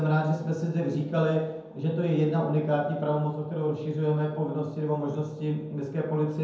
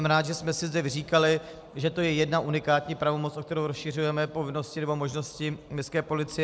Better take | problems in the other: second | room echo; dies away in 0.9 s

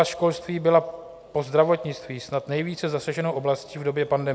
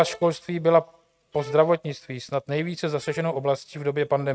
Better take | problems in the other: first | noise reduction (neural mask model RNNoise)

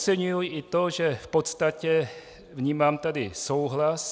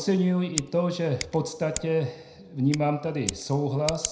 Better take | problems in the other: first | background sound (Scissors); 11 dB below the speech // room echo; dies away in 0.5 s

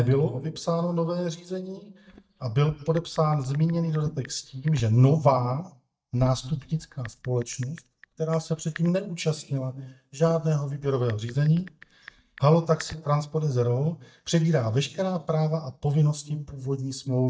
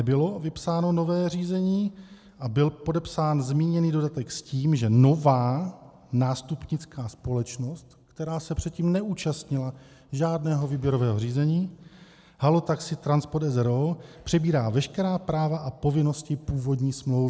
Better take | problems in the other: second | noise reduction (neural mask model DeepFilterNet 3)

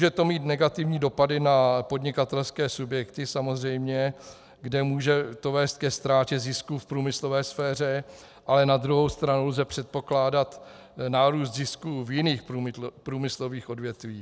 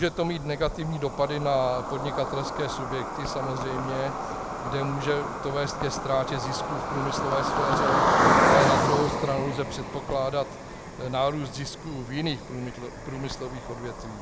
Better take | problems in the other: first | background sound (Cricket); 1 dB above the speech

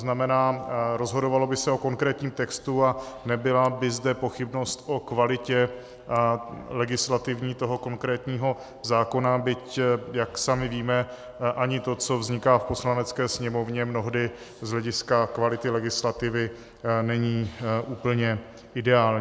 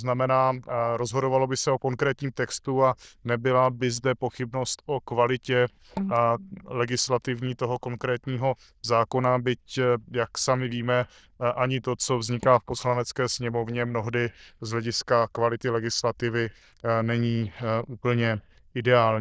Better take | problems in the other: first | noise reduction (neural diffusion model UNIVERSE++)

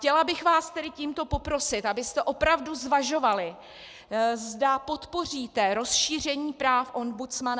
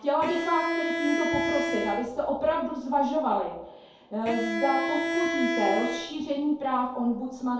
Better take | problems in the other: first | background sound (Bowed string instrument); 3 dB below the speech // room echo; dies away in 2.2 s

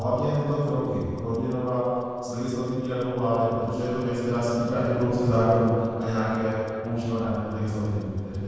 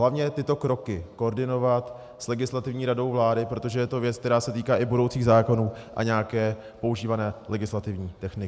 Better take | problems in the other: second | noise reduction (neural separator model SepFormer DNS4)

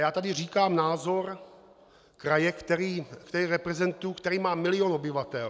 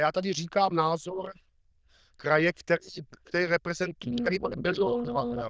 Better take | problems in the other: first | noise reduction (neural diffusion model UNIVERSE++)

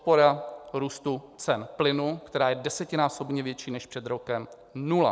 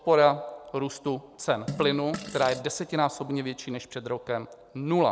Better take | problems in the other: first | background sound (Fart); 11 dB below the speech

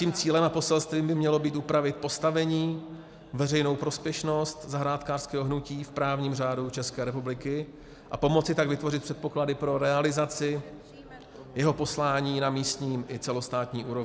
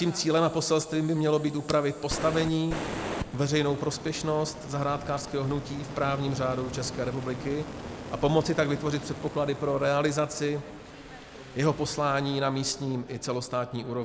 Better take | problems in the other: first | background sound (Fire); 12 dB below the speech

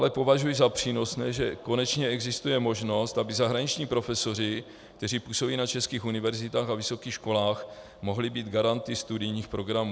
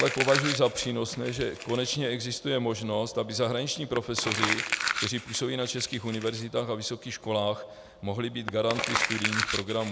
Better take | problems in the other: first | background sound (Crumpling, crinkling); 5 dB below the speech

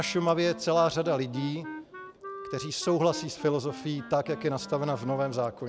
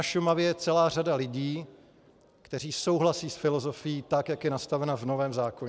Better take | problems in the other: second | background sound (Wind instrument, woodwind instrument); 15 dB below the speech

